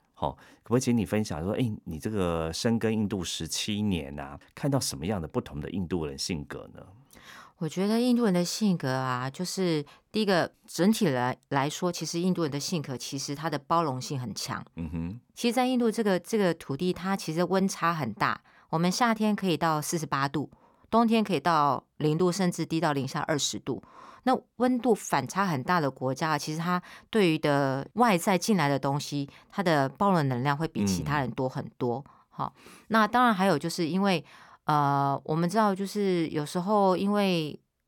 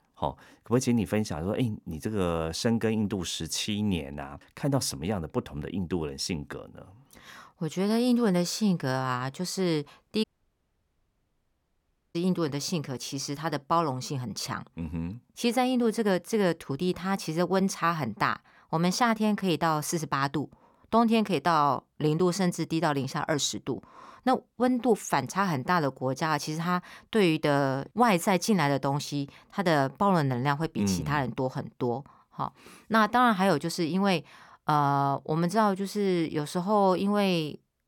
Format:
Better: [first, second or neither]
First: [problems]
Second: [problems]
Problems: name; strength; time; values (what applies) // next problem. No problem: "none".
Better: first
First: none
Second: audio cutting out; at 10 s for 2 s